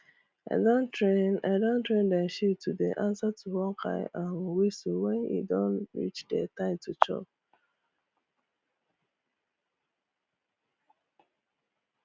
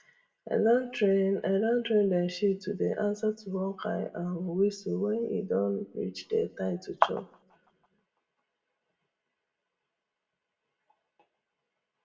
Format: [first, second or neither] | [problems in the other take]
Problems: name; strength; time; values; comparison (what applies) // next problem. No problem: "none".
first | room echo; dies away in 0.5 s